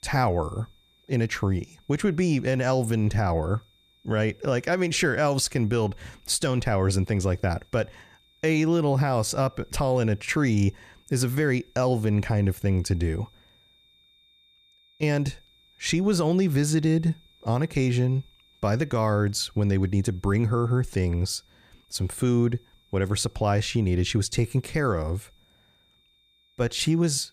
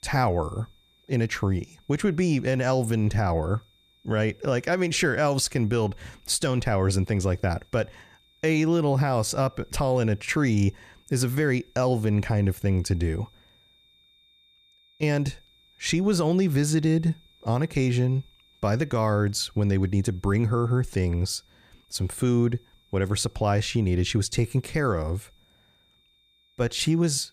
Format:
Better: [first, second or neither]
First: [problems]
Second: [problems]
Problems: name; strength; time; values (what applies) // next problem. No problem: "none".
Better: neither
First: high-pitched whine; faint; throughout; 3.5 kHz, 35 dB below the speech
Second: high-pitched whine; faint; throughout; 3.5 kHz, 35 dB below the speech